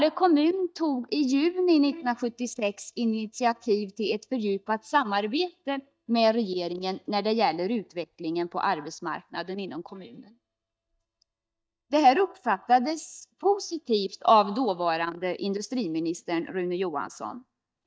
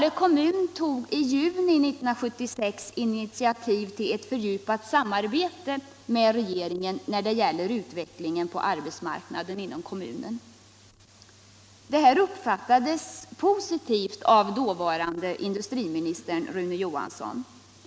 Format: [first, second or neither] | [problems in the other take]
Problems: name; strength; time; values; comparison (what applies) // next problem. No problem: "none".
second | noise reduction (neural mask model DeepFilterNet 3)